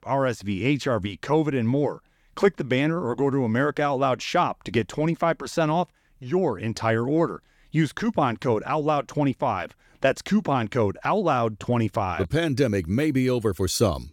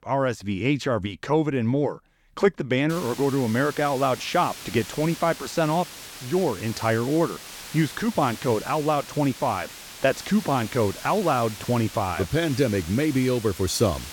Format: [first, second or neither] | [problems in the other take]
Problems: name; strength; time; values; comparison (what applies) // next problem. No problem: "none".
first | hiss; noticeable; from 3 s on; 15 dB below the speech